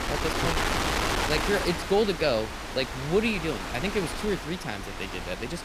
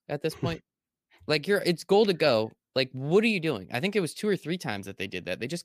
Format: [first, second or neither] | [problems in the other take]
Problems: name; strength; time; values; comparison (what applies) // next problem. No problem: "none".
second | wind noise on the microphone; heavy; as loud as the speech